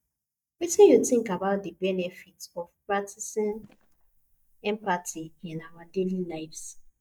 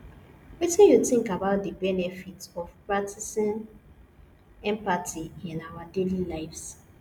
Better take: second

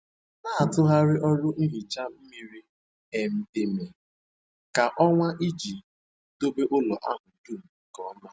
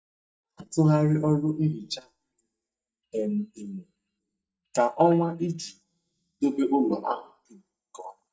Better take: first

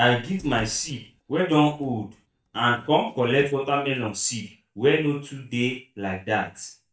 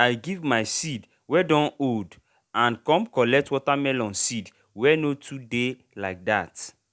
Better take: second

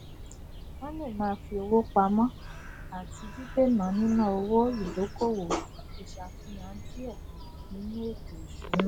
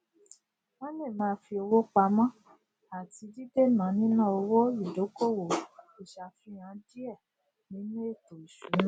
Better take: second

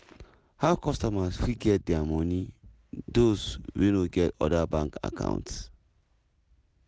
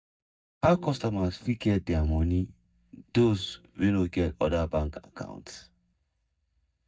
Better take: first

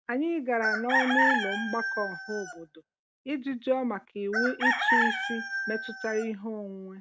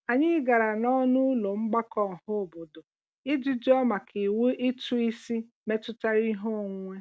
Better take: second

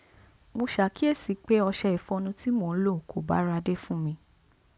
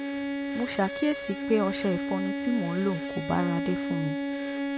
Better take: first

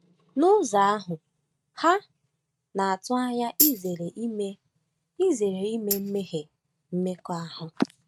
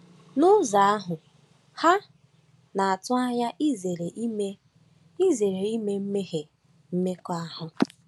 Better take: second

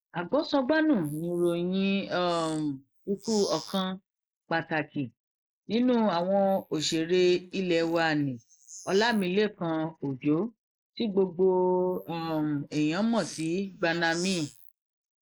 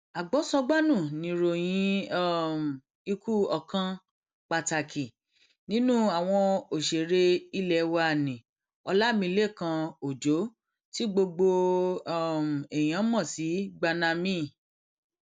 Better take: second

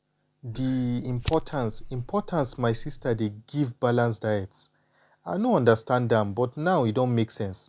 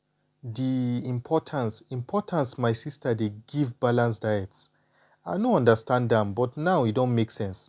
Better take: second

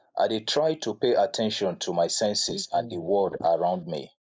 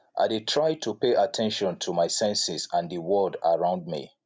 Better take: second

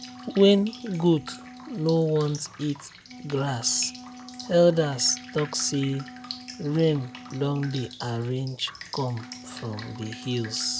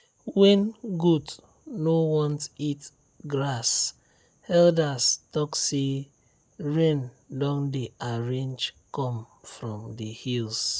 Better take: second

